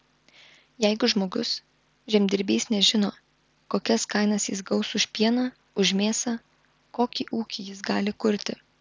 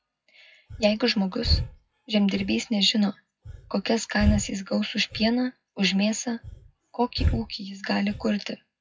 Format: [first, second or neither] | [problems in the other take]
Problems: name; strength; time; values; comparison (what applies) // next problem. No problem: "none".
first | noise reduction (classical method WPE with log-MMSE)